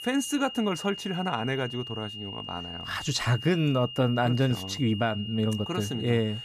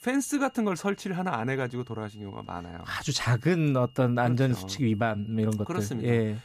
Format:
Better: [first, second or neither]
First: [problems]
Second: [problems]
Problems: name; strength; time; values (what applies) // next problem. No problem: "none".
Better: second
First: high-pitched whine; loud; throughout; 3 kHz, 10 dB below the speech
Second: high-pitched whine; faint; throughout; 3 kHz, 30 dB below the speech